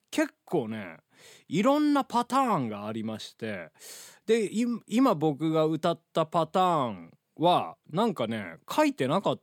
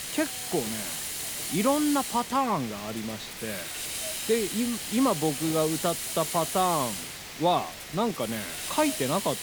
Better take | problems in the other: first | hiss; loud; throughout; 4 dB below the speech

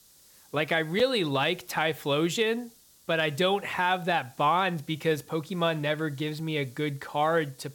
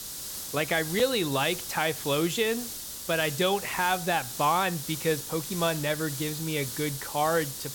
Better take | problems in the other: first | hiss; loud; throughout; 7 dB below the speech; faint in the first

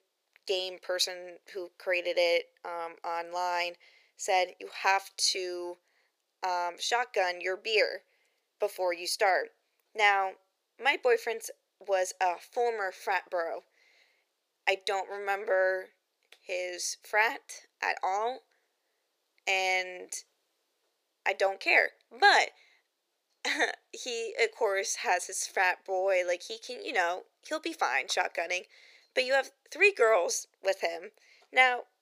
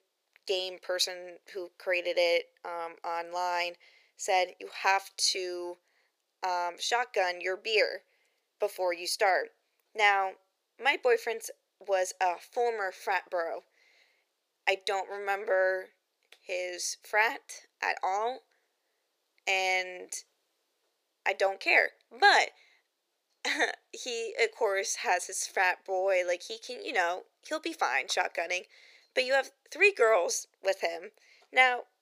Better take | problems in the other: neither | thin; very; fading below 450 Hz; the same in both

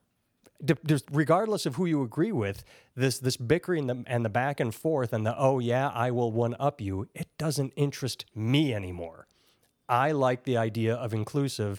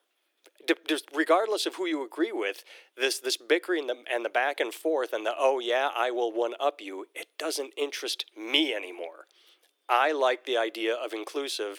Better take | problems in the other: first | thin; very; fading below 300 Hz

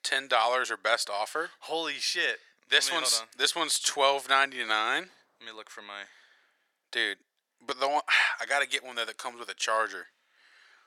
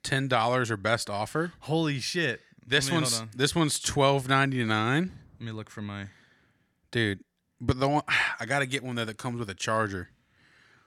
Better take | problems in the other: second | thin; very; fading below 550 Hz

